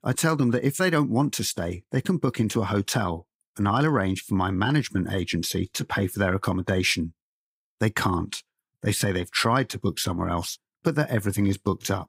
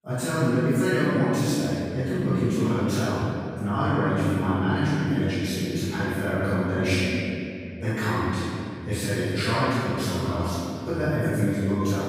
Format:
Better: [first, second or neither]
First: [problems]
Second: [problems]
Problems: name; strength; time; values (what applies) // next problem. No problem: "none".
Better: first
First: none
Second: off-mic speech; far // room echo; strong; dies away in 3 s